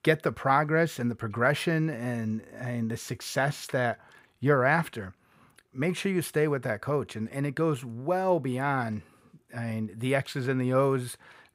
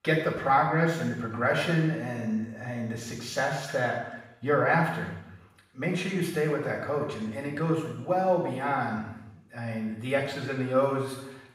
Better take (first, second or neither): first